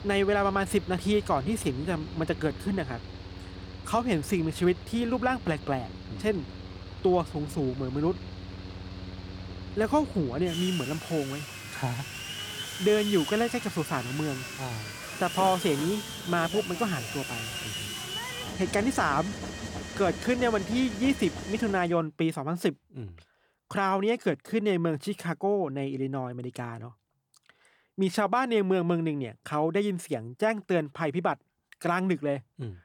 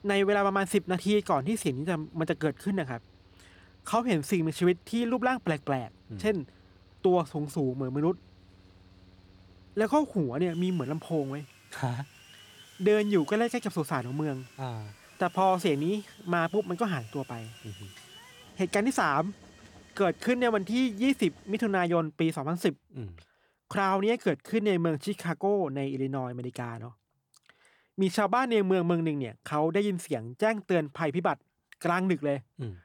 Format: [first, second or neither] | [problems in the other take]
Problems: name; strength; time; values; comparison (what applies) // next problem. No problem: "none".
second | machinery noise; loud; until 22 s; 9 dB below the speech; faint in the second